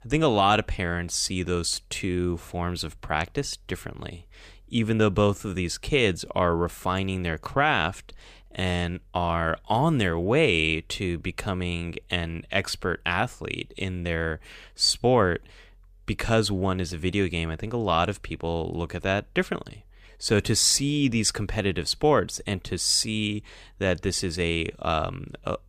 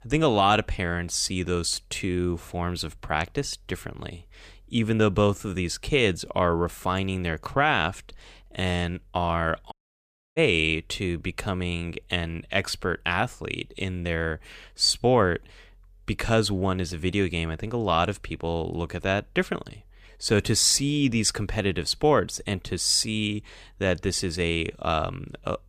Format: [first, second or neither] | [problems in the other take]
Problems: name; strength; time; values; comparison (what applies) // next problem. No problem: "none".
first | audio cutting out; at 9.5 s for 0.5 s